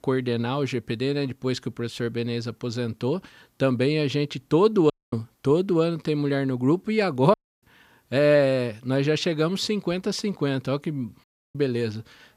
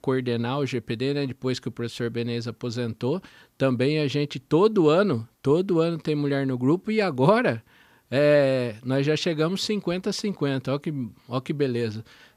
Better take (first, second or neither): second